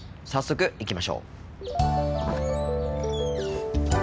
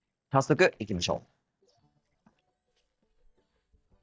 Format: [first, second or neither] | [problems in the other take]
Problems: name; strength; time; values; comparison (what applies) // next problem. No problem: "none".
first | noise reduction (neural mask model DeepFilterNet 3)